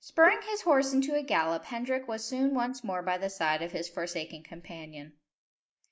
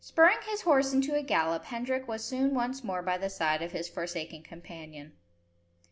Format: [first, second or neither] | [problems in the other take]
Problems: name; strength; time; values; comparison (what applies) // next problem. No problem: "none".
second | noise reduction (neural mask model Resemble Enhance denoiser)